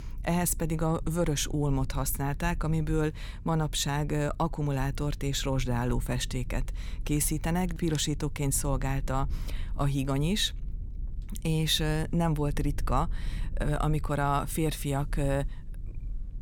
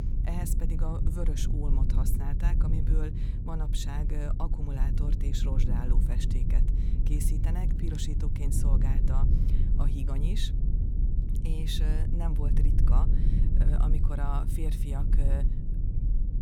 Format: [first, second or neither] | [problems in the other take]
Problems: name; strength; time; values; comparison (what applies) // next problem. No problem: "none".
first | low rumble; loud; throughout; 3 dB below the speech; faint in the first